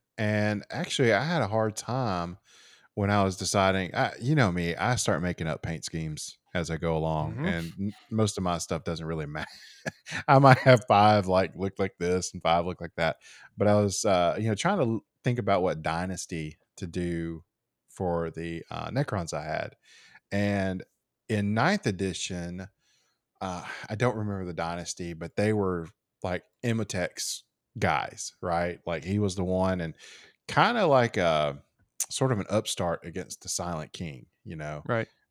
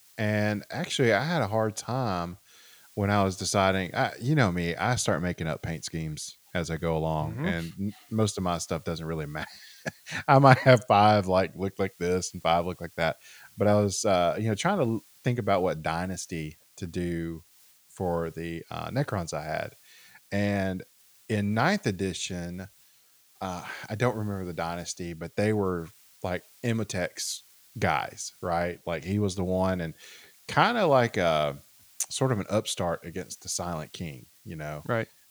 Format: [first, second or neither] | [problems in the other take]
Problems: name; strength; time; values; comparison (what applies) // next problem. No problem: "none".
first | hiss; faint; throughout; 25 dB below the speech